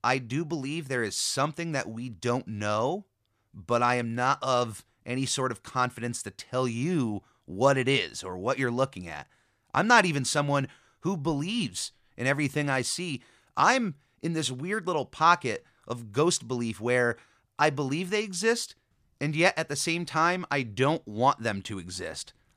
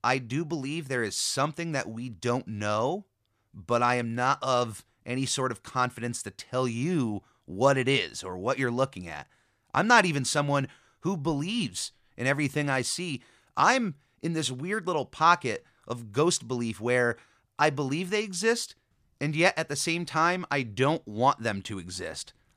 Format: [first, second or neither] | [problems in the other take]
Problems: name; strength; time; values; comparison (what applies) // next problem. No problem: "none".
neither | none